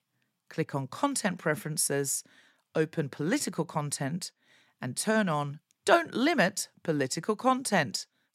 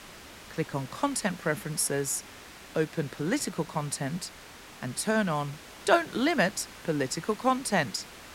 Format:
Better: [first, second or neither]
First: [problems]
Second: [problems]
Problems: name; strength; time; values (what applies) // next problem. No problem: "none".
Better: first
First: none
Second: hiss; noticeable; throughout; 15 dB below the speech